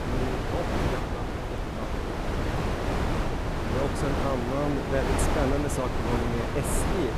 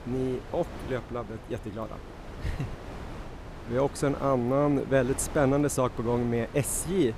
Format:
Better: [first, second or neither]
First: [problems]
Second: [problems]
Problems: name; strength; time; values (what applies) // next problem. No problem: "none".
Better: second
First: wind noise on the microphone; heavy; 2 dB above the speech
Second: wind noise on the microphone; occasional gusts; 15 dB below the speech